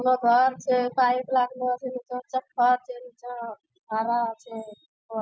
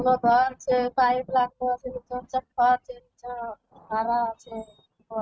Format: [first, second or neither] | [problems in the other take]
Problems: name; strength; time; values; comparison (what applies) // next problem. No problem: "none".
first | noise reduction (neural mask model RNNoise)